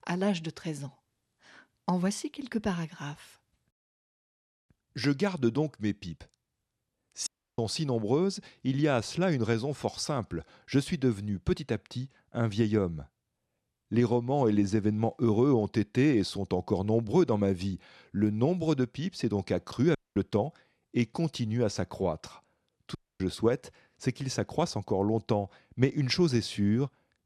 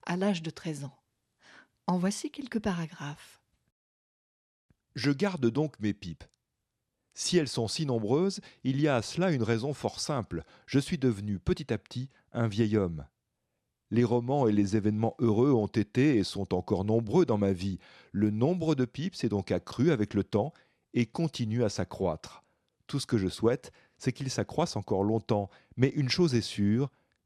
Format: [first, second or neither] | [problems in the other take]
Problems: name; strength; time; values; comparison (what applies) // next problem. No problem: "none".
second | audio cutting out; at 7.5 s, at 20 s and at 23 s